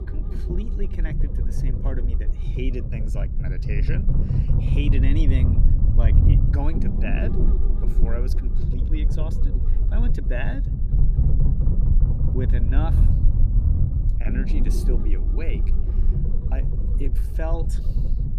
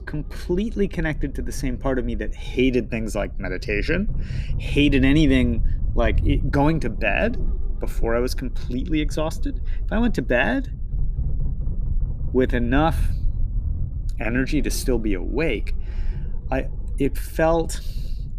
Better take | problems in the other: second | low rumble; loud; throughout; 2 dB below the speech; faint in the second

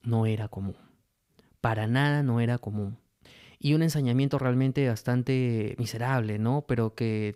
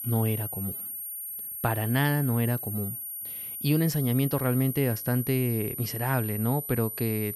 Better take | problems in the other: first | high-pitched whine; loud; throughout; 12 kHz, 6 dB below the speech

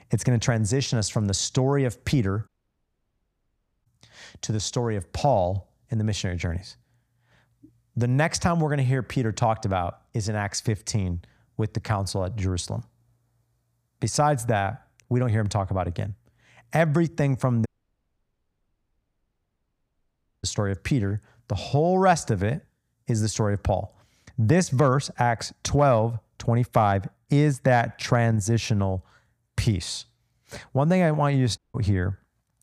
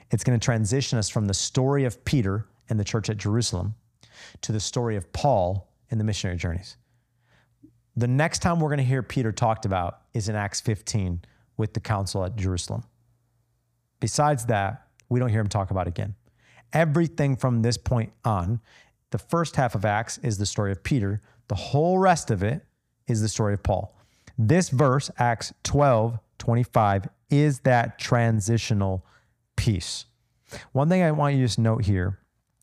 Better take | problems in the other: second | audio cutting out; at 2.5 s for 1.5 s, at 18 s for 3 s and at 32 s

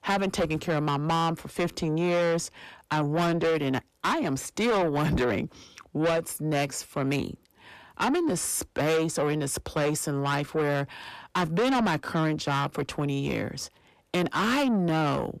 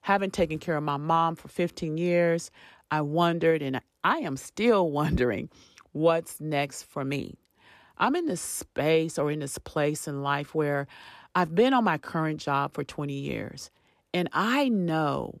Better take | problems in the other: second | distortion; heavy; 7 dB below the speech

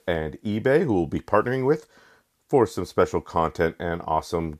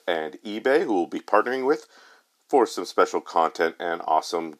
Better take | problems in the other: first | thin; somewhat; fading below 300 Hz

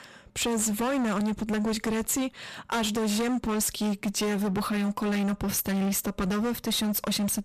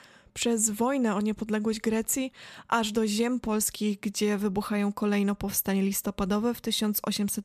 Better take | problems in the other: second | distortion; heavy; 30% of the sound clipped

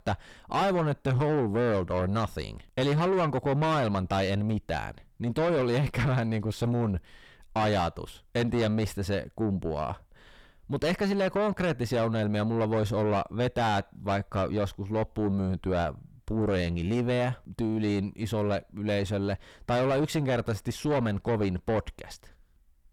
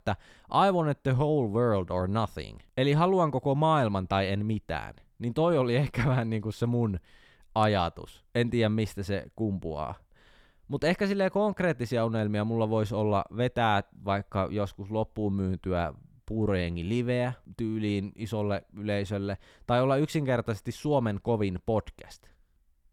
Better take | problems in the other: second | distortion; heavy; 7 dB below the speech

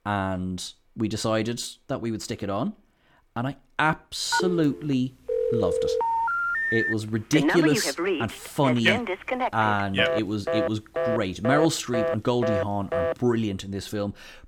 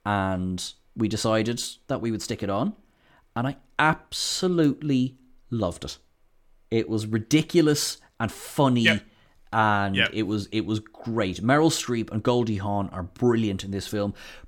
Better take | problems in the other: second | phone ringing; loud; from 4.5 to 13 s; peak 3 dB above the speech

